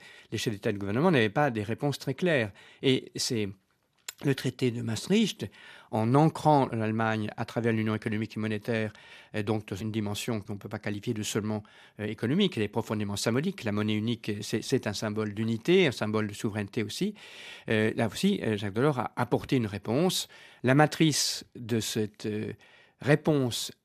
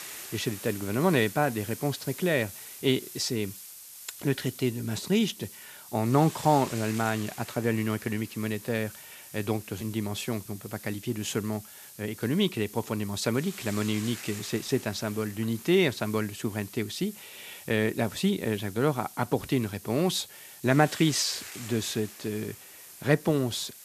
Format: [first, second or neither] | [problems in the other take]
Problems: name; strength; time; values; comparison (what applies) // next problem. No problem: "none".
first | hiss; noticeable; throughout; 15 dB below the speech